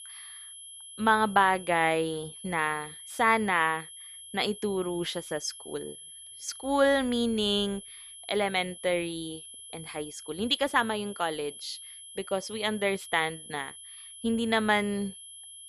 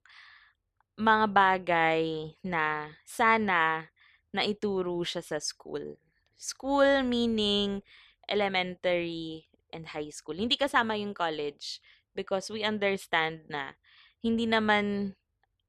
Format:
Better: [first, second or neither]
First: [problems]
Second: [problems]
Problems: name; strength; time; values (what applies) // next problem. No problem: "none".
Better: second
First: high-pitched whine; noticeable; throughout; 11 kHz, 15 dB below the speech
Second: none